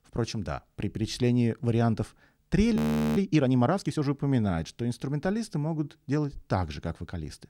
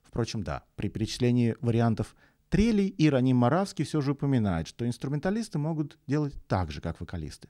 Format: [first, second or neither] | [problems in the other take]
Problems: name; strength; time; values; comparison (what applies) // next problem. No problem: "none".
second | audio freezing; at 3 s